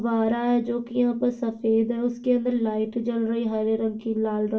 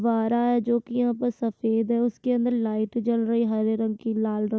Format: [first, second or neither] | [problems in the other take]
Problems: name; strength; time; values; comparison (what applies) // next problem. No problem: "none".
second | room echo; dies away in 0.2 s